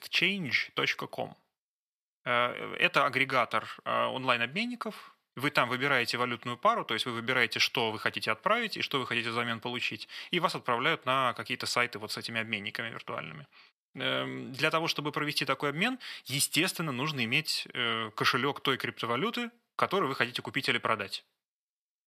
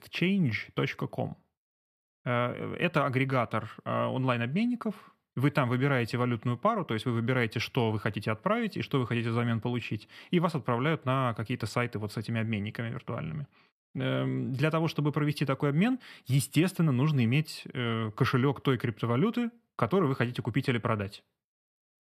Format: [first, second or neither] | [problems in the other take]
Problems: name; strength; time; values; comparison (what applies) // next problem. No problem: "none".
second | thin; somewhat; fading below 1 kHz